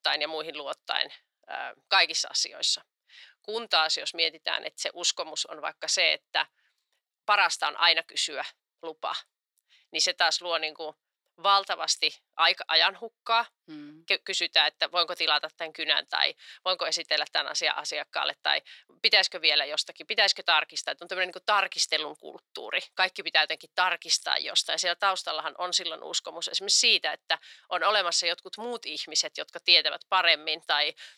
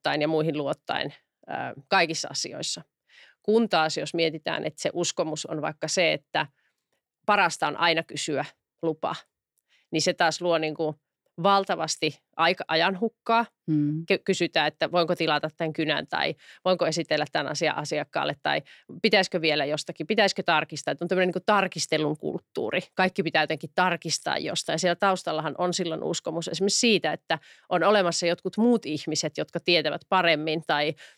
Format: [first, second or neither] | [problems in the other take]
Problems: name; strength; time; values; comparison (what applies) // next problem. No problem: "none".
second | thin; very; fading below 850 Hz